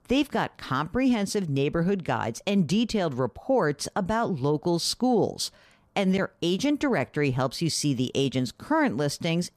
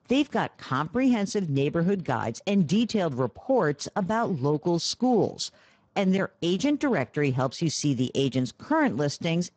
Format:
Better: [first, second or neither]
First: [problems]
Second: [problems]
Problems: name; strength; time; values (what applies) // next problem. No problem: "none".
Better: first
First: none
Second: garbled, watery; badly; nothing above 7.5 kHz